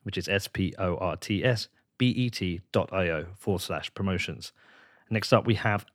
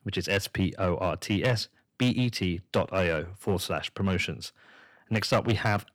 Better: first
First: none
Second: distortion; slight; 3% of the sound clipped

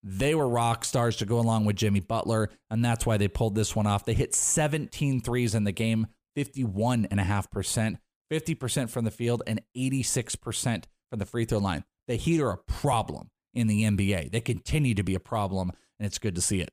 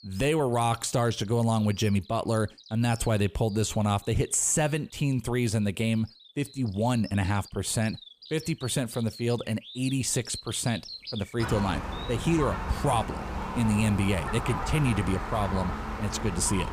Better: first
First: none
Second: animal sounds; loud; throughout; 9 dB below the speech

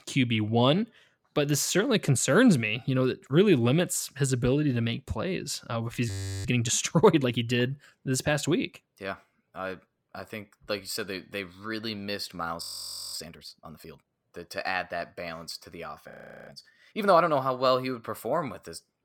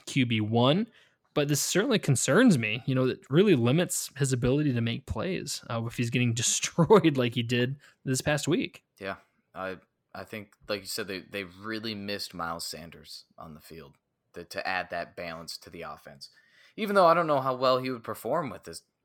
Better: second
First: audio freezing; at 6 s, at 13 s for 0.5 s and at 16 s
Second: none

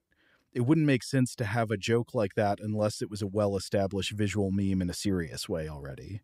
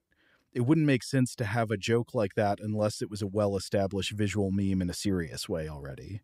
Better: neither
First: none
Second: none

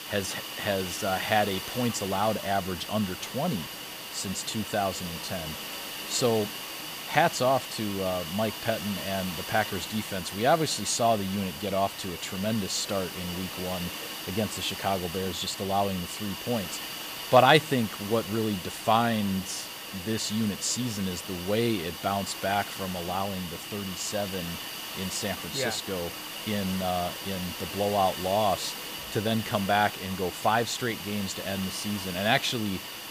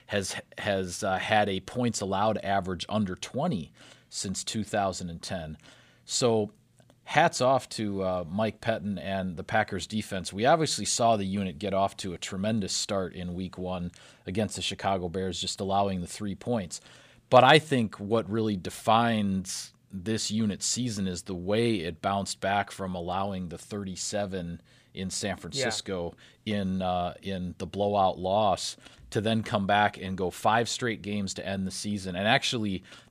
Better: second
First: hiss; loud; throughout; 7 dB below the speech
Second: none

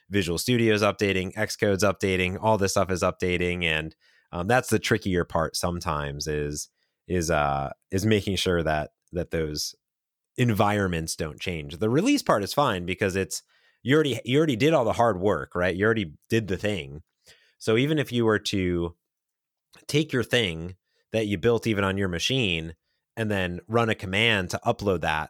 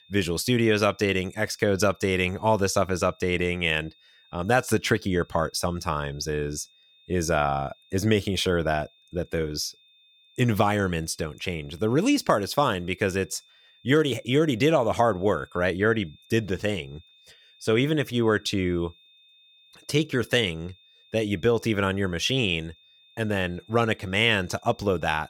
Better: first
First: none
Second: high-pitched whine; faint; throughout; 3.5 kHz, 30 dB below the speech

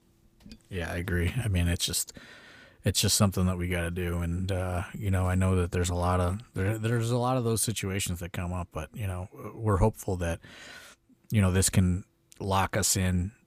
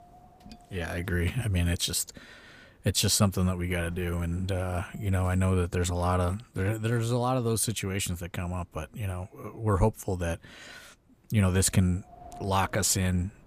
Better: first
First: none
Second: wind noise on the microphone; occasional gusts; 20 dB below the speech

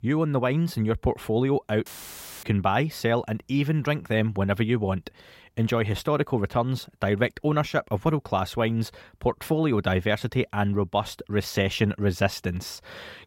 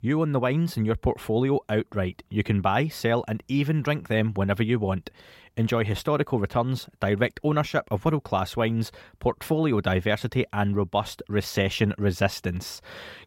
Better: second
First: audio cutting out; filled with static; at 2 s for 0.5 s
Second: none

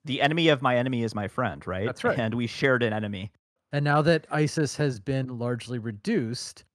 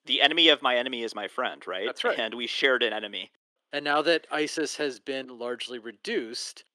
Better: first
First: none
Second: thin; somewhat; fading below 350 Hz

